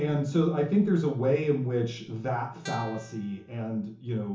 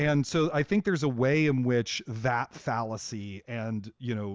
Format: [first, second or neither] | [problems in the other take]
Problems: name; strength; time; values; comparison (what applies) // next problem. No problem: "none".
second | background sound (Guitar); 17 dB below the speech // room echo; dies away in 0.7 s